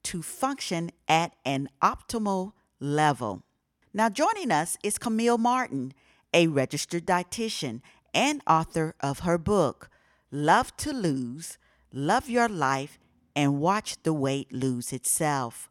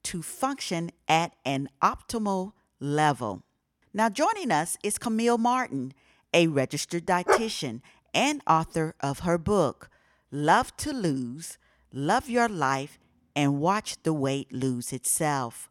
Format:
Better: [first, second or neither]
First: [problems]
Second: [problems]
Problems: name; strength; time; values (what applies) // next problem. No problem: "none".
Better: first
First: none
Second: dog barking; loud; at 7.5 s; peak 2 dB above the speech